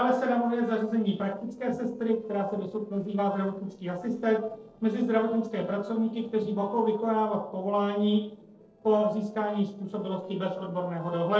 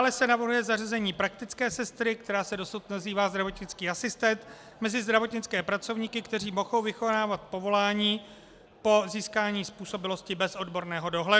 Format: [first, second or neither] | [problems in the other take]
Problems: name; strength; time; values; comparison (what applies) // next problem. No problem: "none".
second | noise reduction (neural separator model SepFormer DNS4)